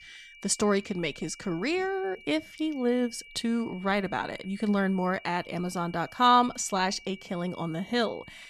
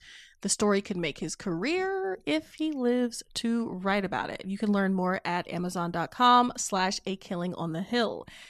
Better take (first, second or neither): second